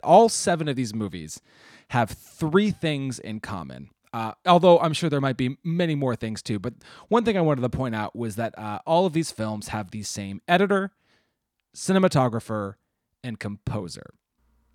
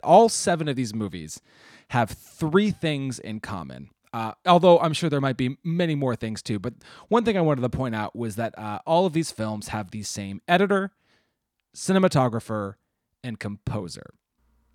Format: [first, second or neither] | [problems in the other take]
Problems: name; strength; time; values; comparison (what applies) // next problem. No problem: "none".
neither | none